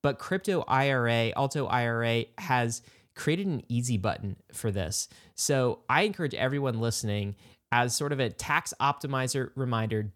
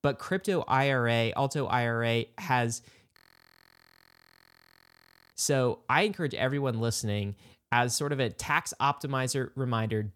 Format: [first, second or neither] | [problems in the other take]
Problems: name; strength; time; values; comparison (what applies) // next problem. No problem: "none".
first | audio freezing; at 3 s for 2 s